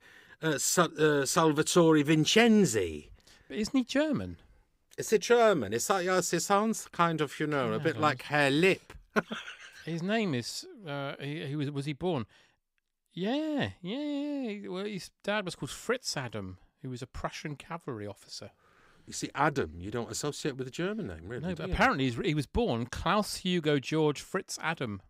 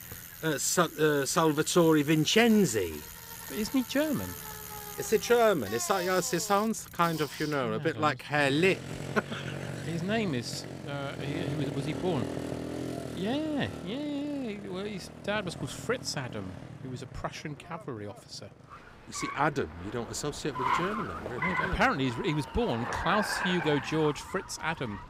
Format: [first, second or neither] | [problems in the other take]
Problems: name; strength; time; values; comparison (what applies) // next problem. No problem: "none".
first | traffic noise; loud; throughout; 9 dB below the speech